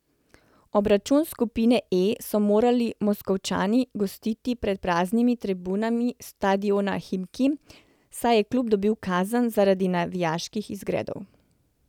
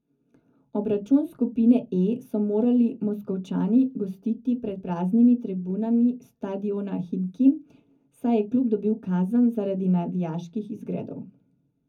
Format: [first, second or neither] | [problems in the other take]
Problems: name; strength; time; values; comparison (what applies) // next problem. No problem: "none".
first | room echo; dies away in 0.3 s